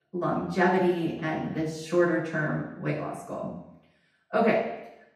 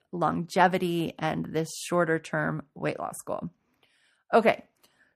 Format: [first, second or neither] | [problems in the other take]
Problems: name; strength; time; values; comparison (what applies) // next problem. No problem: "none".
second | room echo; noticeable; dies away in 0.8 s // off-mic speech; far